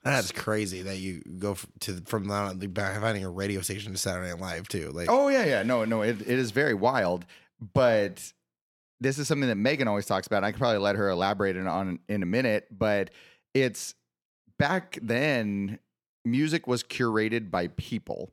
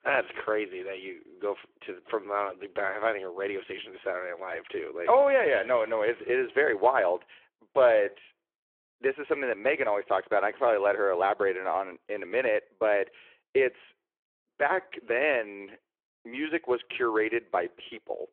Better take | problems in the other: first | phone-call audio

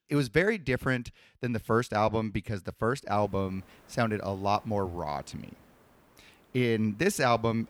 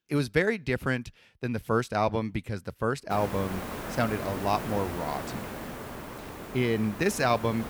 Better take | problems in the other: first | hiss; loud; from 3 s on; 8 dB below the speech; faint in the first

